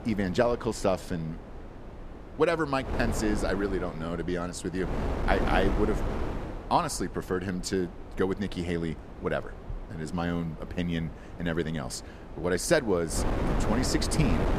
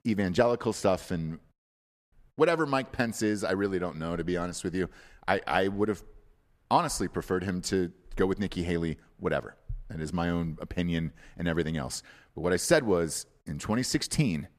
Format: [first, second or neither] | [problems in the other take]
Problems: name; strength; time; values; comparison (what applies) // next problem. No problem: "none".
second | wind noise on the microphone; heavy; 9 dB below the speech